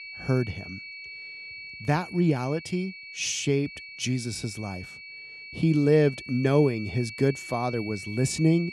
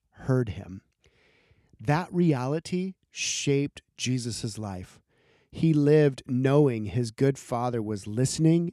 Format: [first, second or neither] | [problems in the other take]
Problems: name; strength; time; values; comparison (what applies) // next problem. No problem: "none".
second | high-pitched whine; noticeable; throughout; 2.5 kHz, 15 dB below the speech